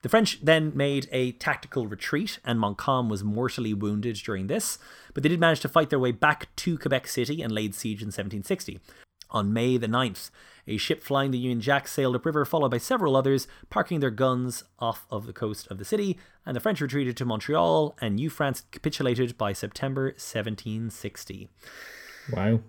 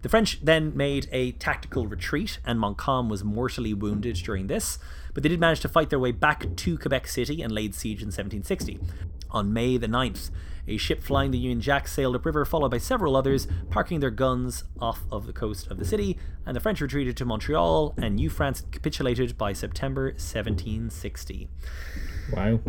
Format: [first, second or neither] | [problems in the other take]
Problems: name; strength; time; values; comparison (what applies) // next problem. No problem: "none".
first | low rumble; faint; throughout; 20 dB below the speech